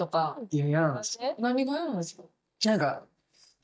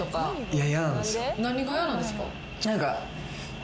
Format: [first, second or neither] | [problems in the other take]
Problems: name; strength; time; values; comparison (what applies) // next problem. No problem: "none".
second | noise reduction (neural mask model DeepFilterNet 3)